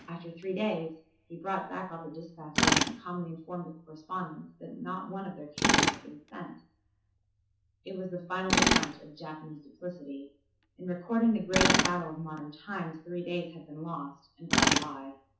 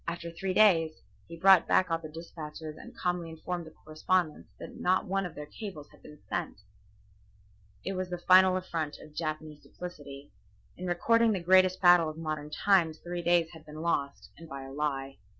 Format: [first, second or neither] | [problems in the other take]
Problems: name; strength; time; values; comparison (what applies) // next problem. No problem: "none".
second | background sound (Tools); 3 dB above the speech // room echo; dies away in 0.9 s